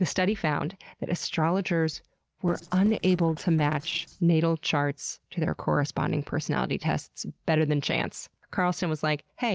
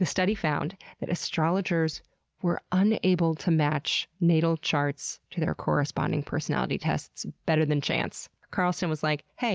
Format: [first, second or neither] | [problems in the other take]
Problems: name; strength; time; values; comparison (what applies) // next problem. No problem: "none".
second | noise reduction (neural separator model SepFormer DNS4)